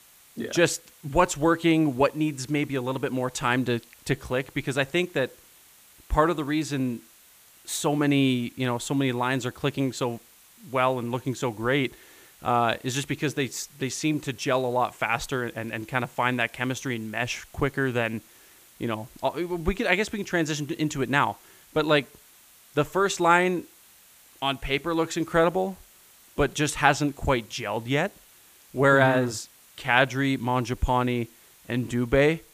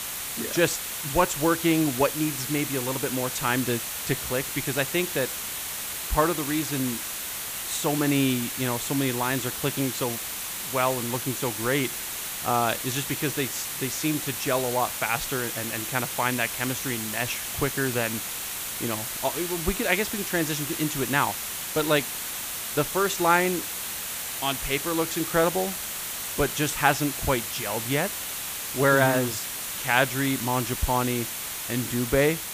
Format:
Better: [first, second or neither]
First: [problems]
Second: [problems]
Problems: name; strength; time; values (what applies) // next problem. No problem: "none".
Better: first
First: hiss; faint; throughout; 25 dB below the speech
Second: hiss; loud; throughout; 3 dB below the speech